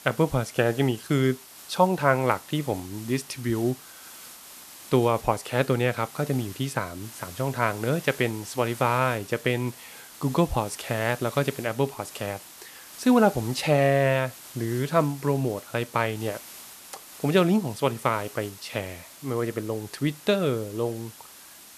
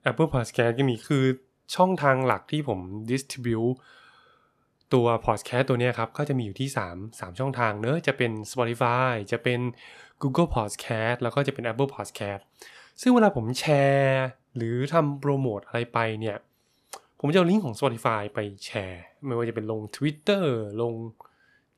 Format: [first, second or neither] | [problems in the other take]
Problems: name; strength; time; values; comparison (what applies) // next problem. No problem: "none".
second | hiss; noticeable; throughout; 15 dB below the speech